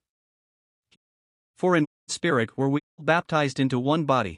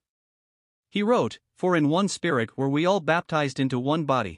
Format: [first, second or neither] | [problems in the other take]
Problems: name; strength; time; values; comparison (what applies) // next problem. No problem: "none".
second | audio cutting out; at 1 s for 0.5 s, at 2 s and at 3 s